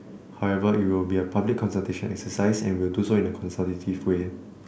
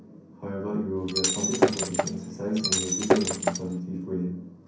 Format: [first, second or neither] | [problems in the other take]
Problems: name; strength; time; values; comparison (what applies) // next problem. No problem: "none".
first | background sound (Shatter); 4 dB above the speech // room echo; dies away in 0.6 s